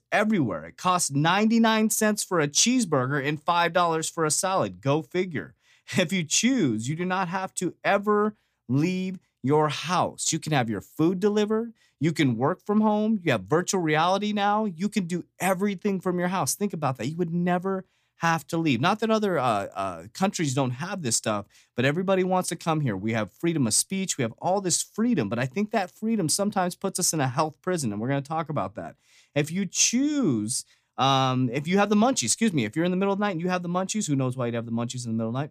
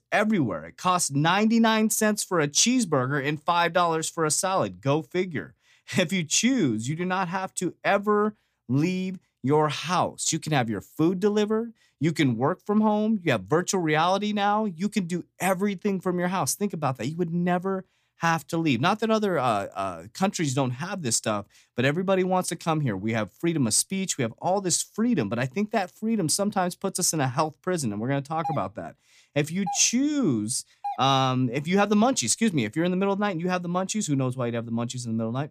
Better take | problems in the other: first | doorbell; noticeable; from 28 to 31 s; peak 10 dB below the speech

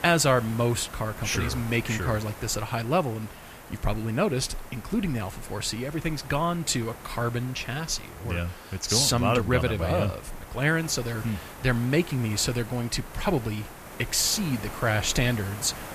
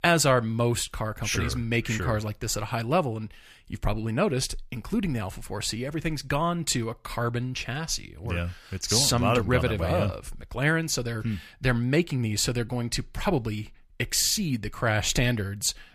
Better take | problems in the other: second | hiss; noticeable; throughout; 15 dB below the speech

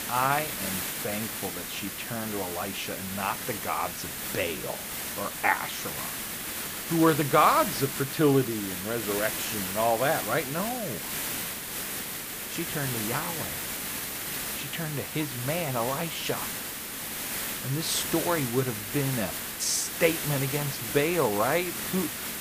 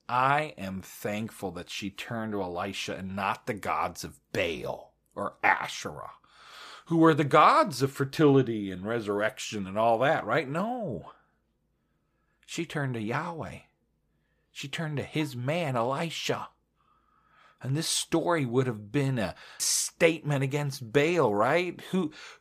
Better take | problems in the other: second | hiss; loud; throughout; 3 dB below the speech

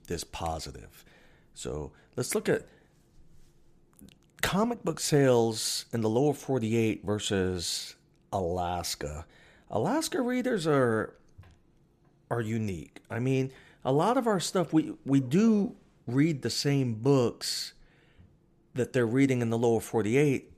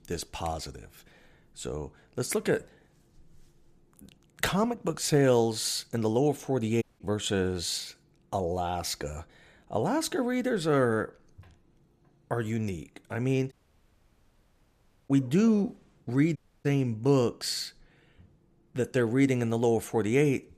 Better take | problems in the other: first | audio cutting out; at 7 s, at 14 s for 1.5 s and at 16 s

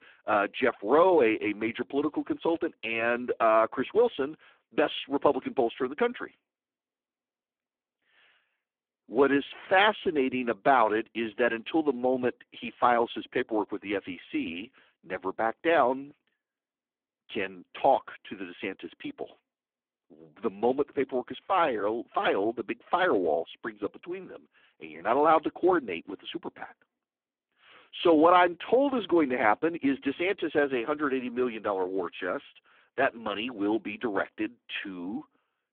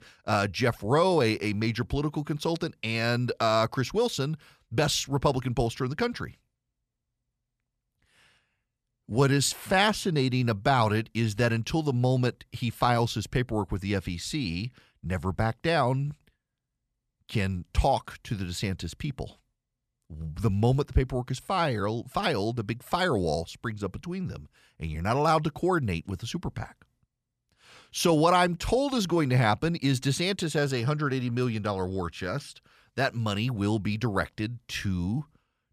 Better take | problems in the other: second | phone-call audio; poor line

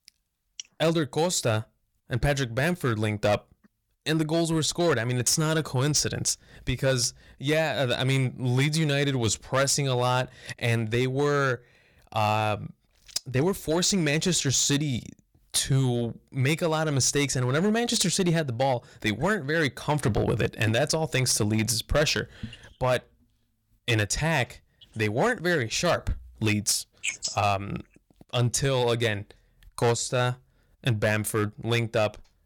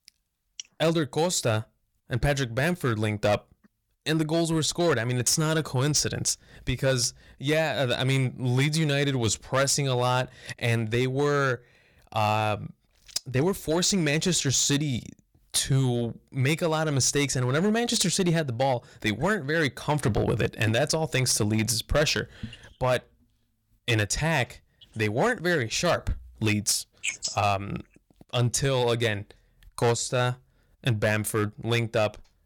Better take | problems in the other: neither | distortion; slight; 5% of the sound clipped; the same in both

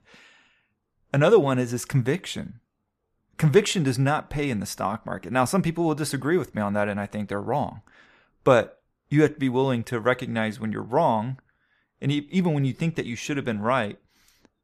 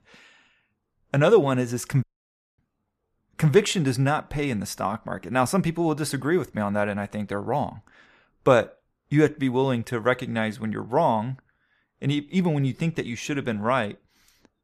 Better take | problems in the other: first | audio cutting out; at 2 s for 0.5 s

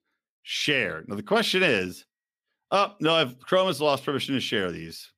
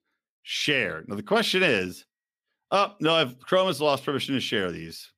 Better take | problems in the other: neither | none

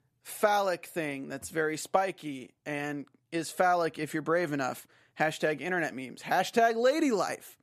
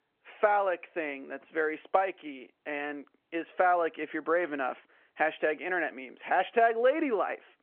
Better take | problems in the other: first | phone-call audio

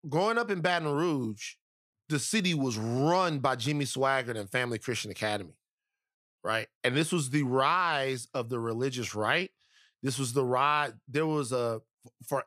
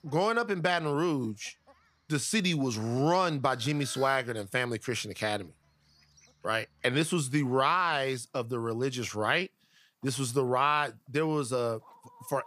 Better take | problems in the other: first | animal sounds; faint; throughout; 25 dB below the speech

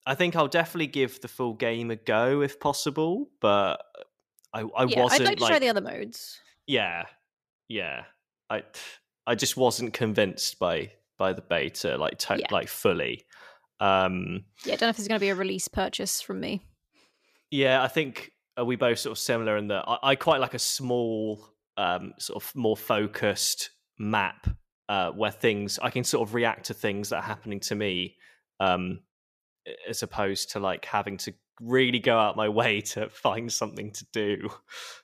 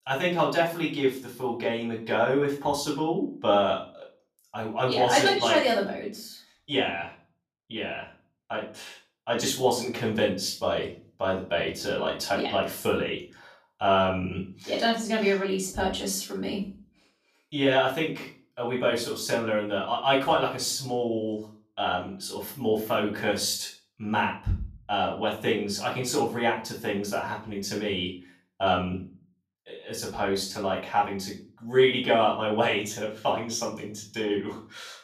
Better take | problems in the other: first | off-mic speech; far // room echo; slight; dies away in 0.4 s

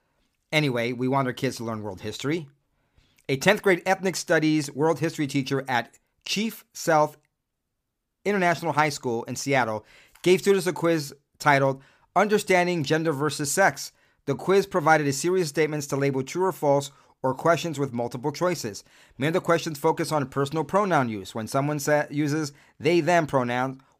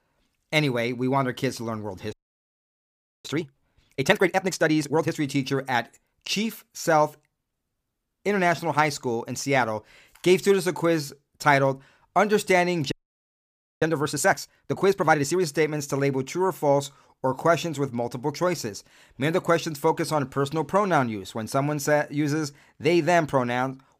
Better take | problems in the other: first | audio freezing; at 2 s for 1 s and at 13 s for 1 s

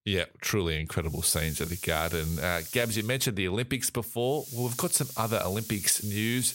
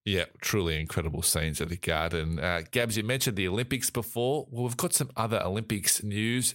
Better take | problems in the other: second | hiss; noticeable; from 1 to 3 s and from 4.5 s on; 10 dB below the speech

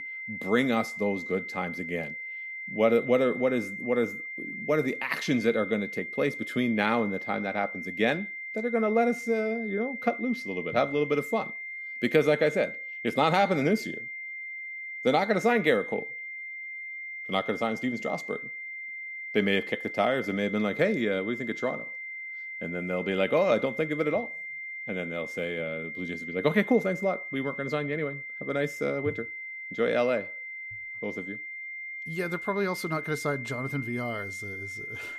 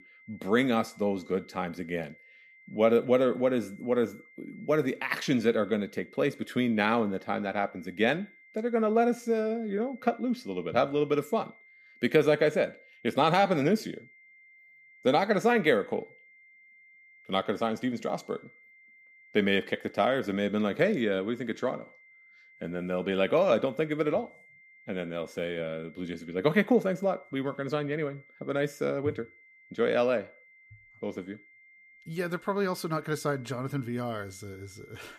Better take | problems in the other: second | high-pitched whine; loud; throughout; 2 kHz, 8 dB below the speech; faint in the second

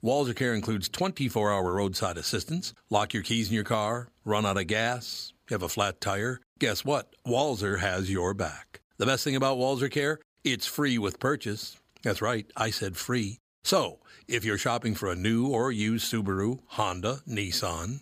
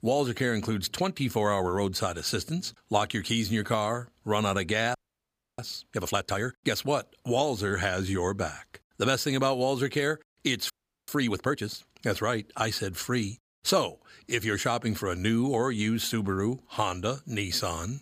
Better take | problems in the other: first | audio freezing; at 5 s for 0.5 s and at 11 s

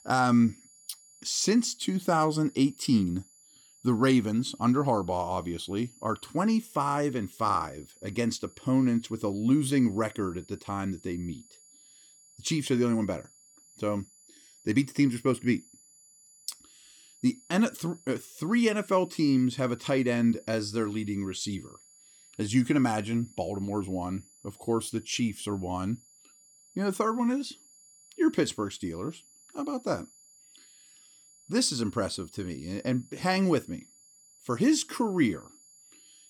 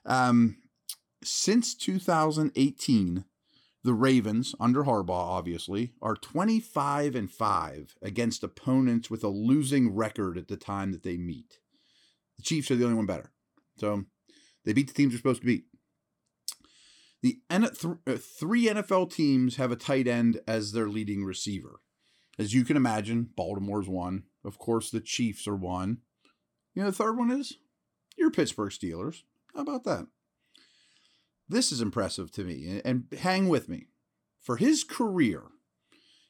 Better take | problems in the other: second | high-pitched whine; faint; throughout; 7 kHz, 25 dB below the speech

